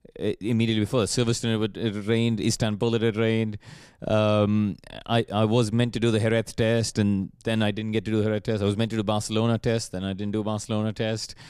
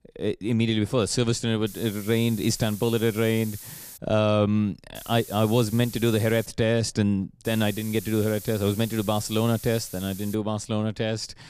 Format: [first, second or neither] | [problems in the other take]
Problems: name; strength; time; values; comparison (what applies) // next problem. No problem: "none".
first | hiss; noticeable; from 1.5 to 4 s, from 5 to 6.5 s and from 7.5 to 10 s; 15 dB below the speech